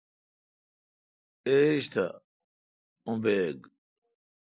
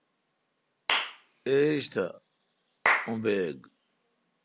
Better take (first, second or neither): first